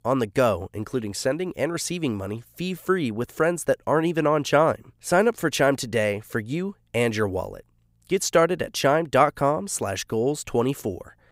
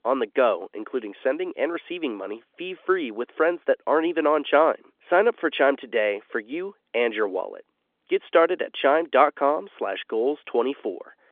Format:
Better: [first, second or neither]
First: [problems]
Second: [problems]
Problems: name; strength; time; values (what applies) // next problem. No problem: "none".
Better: first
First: none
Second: phone-call audio; nothing above 3.5 kHz